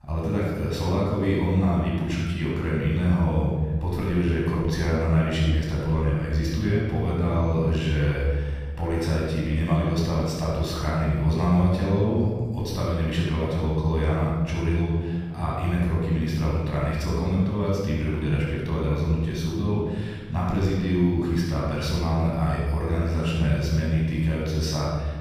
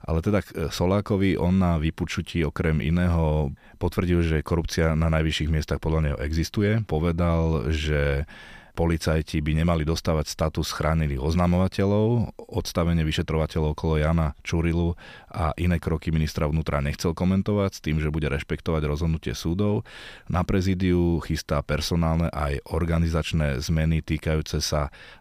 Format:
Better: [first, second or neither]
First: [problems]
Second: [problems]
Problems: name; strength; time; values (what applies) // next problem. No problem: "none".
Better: second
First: off-mic speech; far // room echo; strong; dies away in 1.4 s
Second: none